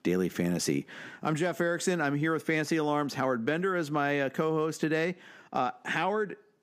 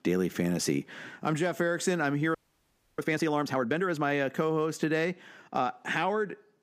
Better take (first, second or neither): first